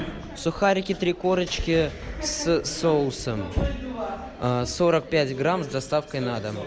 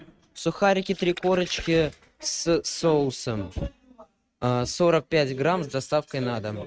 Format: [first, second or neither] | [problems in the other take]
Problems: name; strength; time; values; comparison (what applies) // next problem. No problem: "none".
first | noise reduction (neural mask model RNNoise)